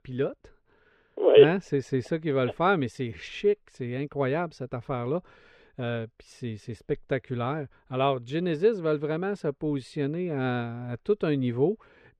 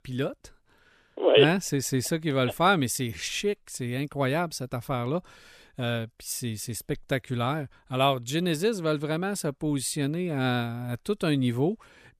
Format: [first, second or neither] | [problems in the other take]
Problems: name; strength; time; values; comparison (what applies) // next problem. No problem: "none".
second | muffled; very; fading above 2.5 kHz